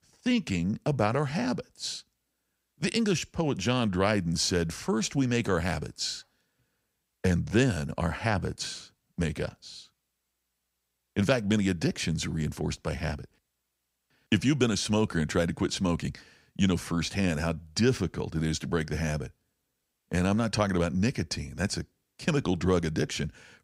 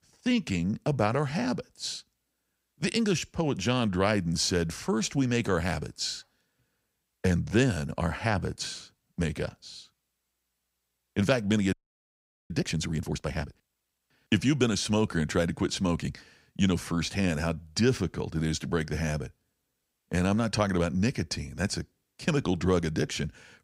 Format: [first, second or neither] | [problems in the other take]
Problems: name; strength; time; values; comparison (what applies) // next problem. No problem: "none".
first | audio freezing; at 12 s for 1 s